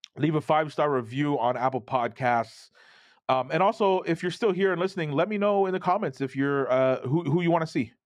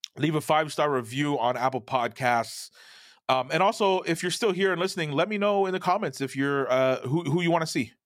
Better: second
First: muffled; slightly; fading above 1.5 kHz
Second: none

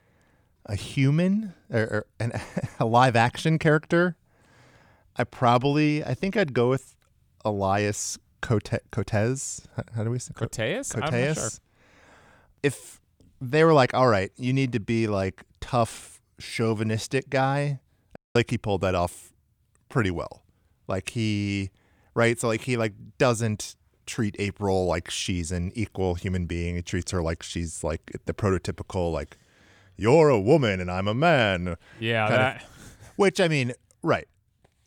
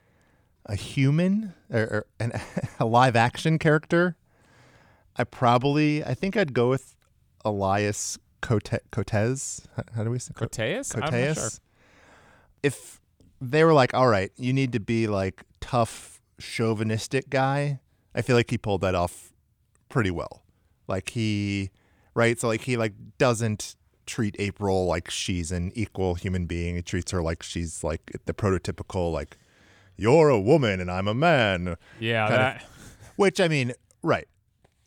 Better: second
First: audio cutting out; at 18 s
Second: none

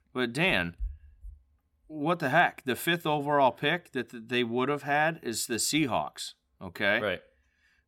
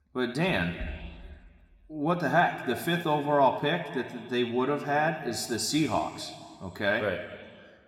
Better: first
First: none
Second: room echo; slight; dies away in 1.7 s

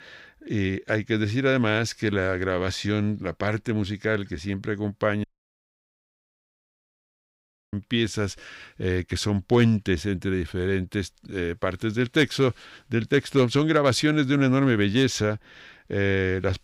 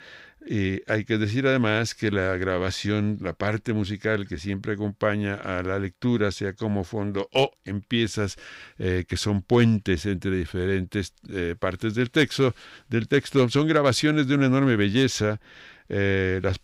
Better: second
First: audio cutting out; at 5 s for 2.5 s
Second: none

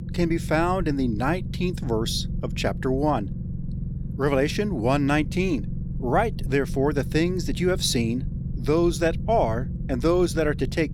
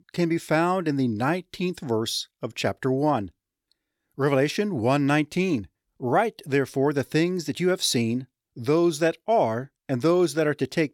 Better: second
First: low rumble; noticeable; throughout; 15 dB below the speech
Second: none

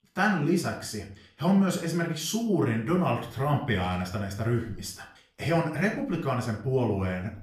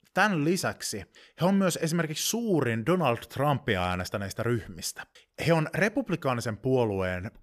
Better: second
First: off-mic speech; far // room echo; slight; dies away in 0.4 s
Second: none

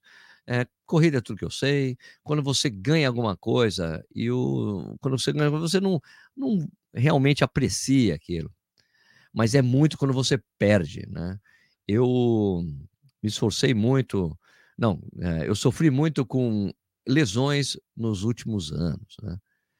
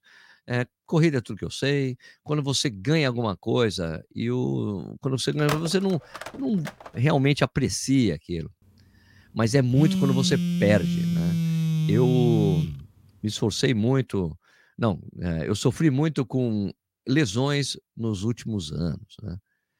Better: first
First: none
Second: phone ringing; noticeable; from 5.5 to 7 s; peak 6 dB below the speech // phone ringing; loud; from 9.5 to 13 s; peak 1 dB above the speech

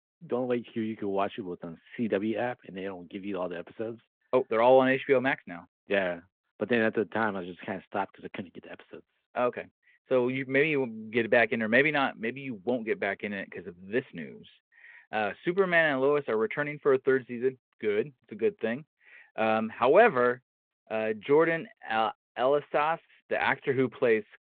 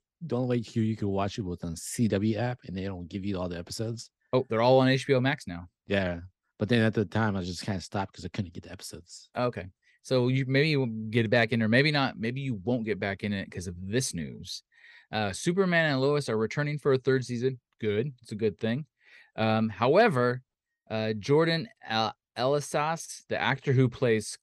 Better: second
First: phone-call audio; nothing above 3.5 kHz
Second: none

